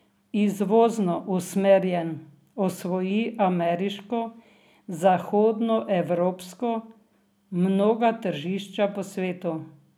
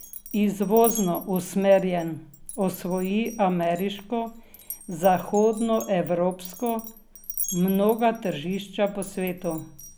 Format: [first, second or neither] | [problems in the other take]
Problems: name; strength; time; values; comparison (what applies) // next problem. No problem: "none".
first | background sound (Glass); 14 dB below the speech